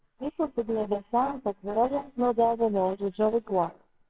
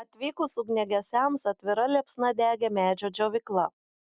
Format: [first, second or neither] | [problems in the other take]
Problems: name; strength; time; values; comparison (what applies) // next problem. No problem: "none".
second | noise reduction (neural separator model SepFormer WHAMR!)